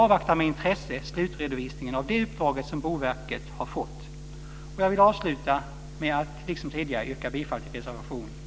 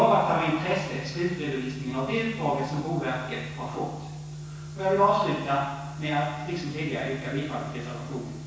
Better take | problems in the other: first | room echo; dies away in 1.1 s

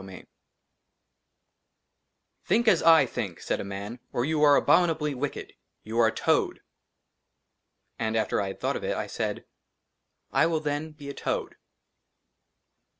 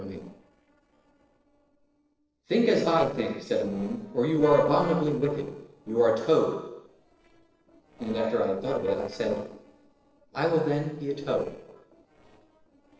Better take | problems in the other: first | noise reduction (neural separator model SepFormer DNS4)

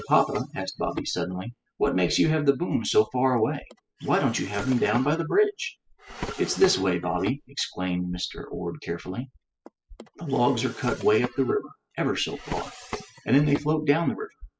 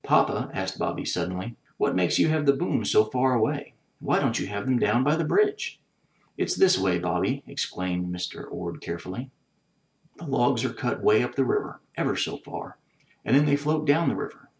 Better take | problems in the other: second | noise reduction (classical method spectral subtraction)

